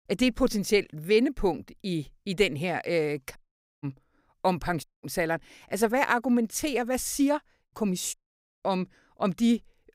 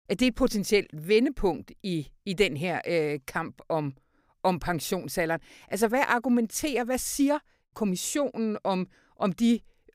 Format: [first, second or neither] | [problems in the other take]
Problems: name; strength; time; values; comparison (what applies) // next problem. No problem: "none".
second | audio cutting out; at 3.5 s, at 5 s and at 8 s